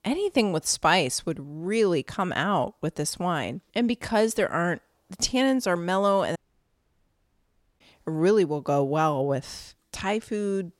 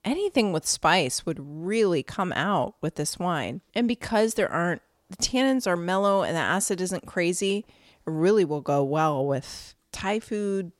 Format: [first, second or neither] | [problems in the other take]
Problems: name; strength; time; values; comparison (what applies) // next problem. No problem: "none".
second | audio cutting out; at 6.5 s for 1.5 s